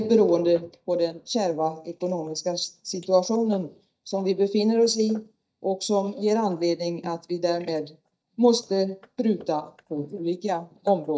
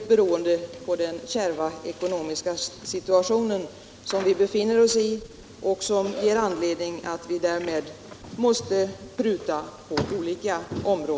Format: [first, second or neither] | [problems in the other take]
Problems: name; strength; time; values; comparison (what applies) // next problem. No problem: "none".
second | noise reduction (neural mask model DeepFilterNet 3)